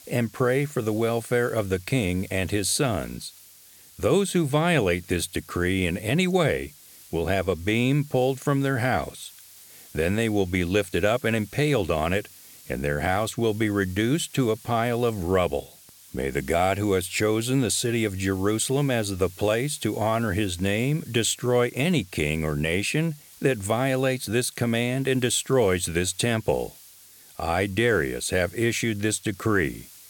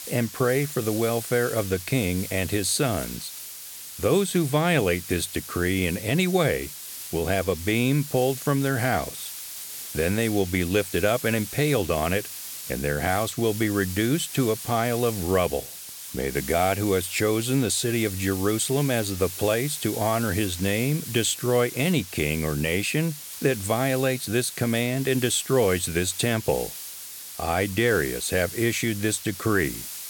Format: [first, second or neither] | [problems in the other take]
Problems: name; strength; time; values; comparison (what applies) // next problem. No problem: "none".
first | hiss; loud; throughout; 10 dB below the speech; faint in the first